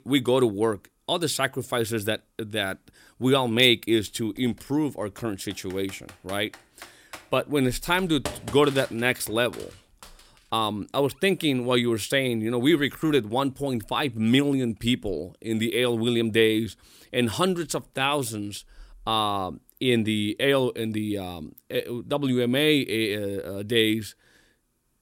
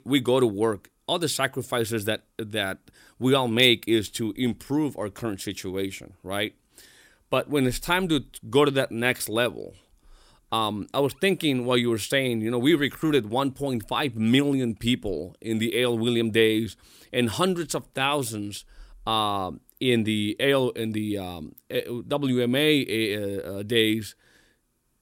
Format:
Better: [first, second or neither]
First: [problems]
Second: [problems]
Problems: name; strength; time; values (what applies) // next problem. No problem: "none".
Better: second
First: keyboard typing; noticeable; from 5.5 to 10 s; peak 9 dB below the speech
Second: none